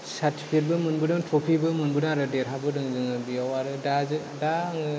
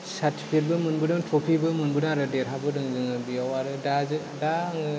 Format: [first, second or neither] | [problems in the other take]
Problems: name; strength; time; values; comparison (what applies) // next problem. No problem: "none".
first | background sound (Sawing / Engine); 18 dB below the speech